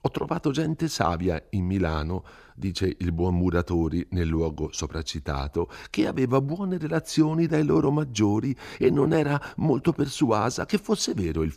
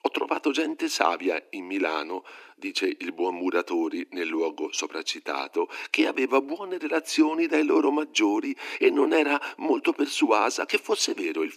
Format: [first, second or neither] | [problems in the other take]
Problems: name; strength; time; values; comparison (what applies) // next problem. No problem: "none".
first | thin; somewhat; fading below 300 Hz